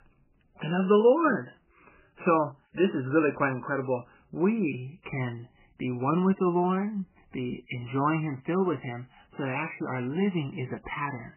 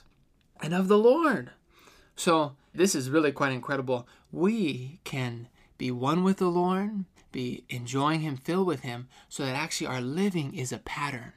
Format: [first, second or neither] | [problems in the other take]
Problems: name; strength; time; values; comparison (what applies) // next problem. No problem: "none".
second | garbled, watery; badly; nothing above 3 kHz